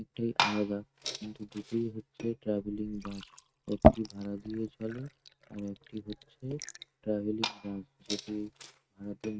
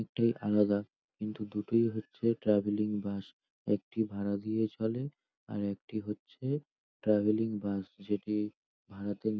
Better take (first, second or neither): second